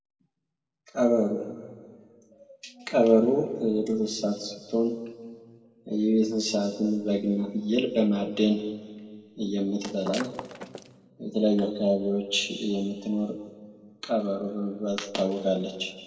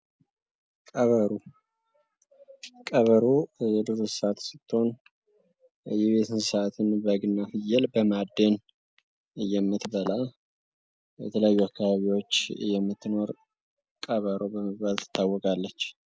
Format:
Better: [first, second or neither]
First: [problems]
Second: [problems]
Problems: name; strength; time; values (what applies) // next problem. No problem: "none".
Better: second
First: background sound (Shatter); 14 dB below the speech // room echo; dies away in 1.5 s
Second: none